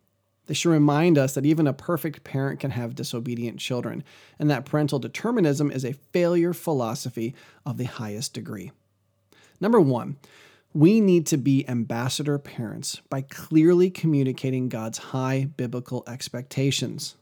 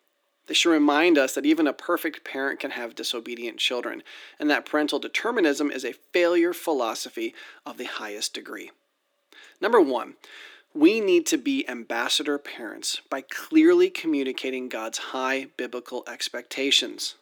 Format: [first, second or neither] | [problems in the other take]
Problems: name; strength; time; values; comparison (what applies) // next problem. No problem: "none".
first | thin; somewhat; fading below 300 Hz